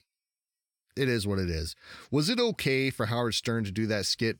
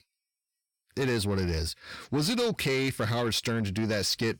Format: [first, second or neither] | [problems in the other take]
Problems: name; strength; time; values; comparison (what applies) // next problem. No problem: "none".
first | distortion; slight; 10 dB below the speech